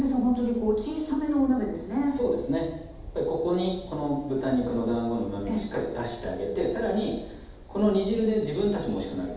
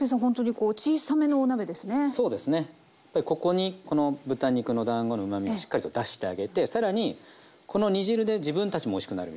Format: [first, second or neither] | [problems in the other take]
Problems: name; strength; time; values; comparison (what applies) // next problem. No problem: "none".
second | background sound (Train); 17 dB below the speech // room echo; dies away in 0.8 s